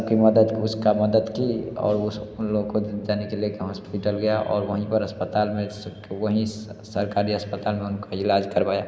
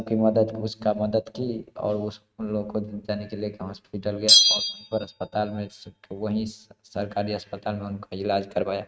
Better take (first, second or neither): first